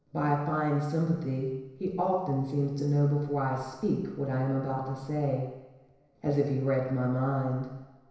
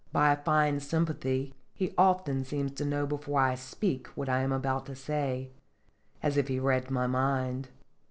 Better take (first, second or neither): second